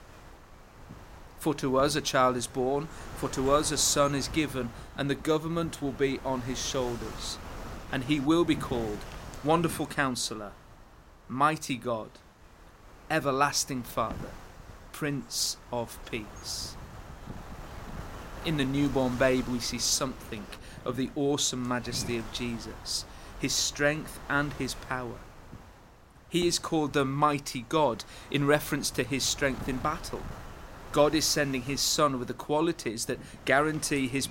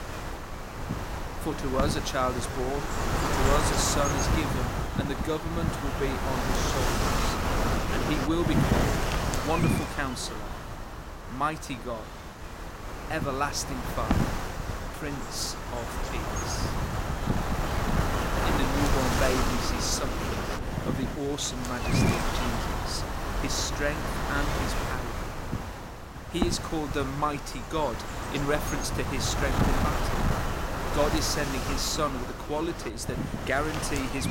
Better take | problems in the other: first | wind noise on the microphone; heavy; 1 dB above the speech; occasional gusts in the first

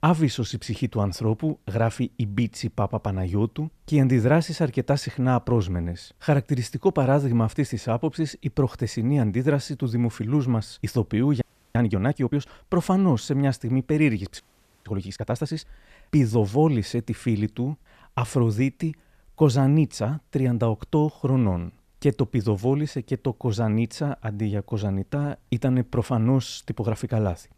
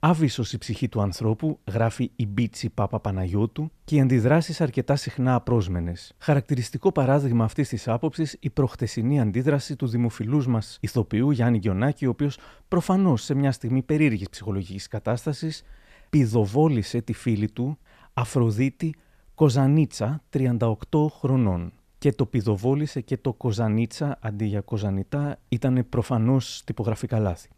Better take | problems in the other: second | audio freezing; at 11 s and at 14 s

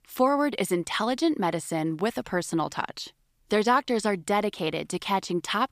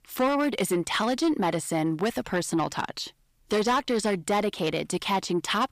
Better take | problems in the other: first | distortion; slight; 10 dB below the speech

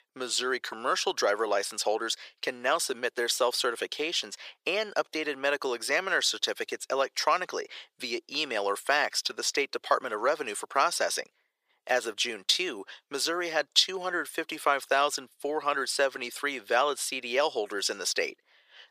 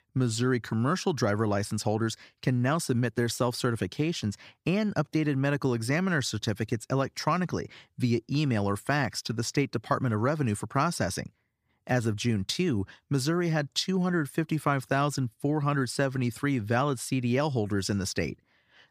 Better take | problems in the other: second | thin; very; fading below 450 Hz

